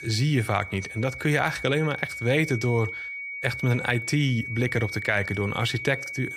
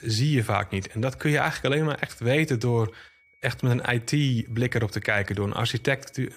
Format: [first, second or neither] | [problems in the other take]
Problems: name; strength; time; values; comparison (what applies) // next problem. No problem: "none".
second | high-pitched whine; loud; throughout; 2 kHz, 8 dB below the speech; faint in the second